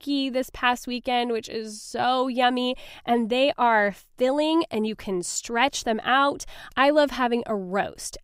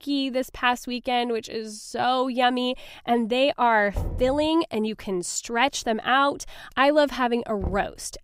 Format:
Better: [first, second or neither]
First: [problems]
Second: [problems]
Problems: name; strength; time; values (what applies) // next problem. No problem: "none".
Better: first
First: none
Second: door banging; noticeable; at 4 s; peak 8 dB below the speech // door banging; faint; at 7.5 s; peak 10 dB below the speech